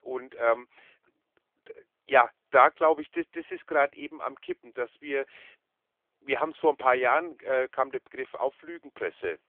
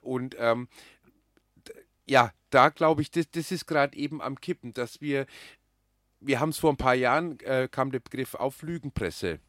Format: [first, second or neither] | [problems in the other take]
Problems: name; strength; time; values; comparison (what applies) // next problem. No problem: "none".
second | phone-call audio; nothing above 3.5 kHz